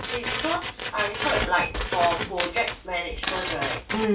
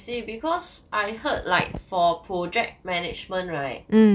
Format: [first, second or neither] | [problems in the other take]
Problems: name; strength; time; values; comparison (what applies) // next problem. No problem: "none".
second | background sound (Tools); 3 dB below the speech // room echo; dies away in 0.1 s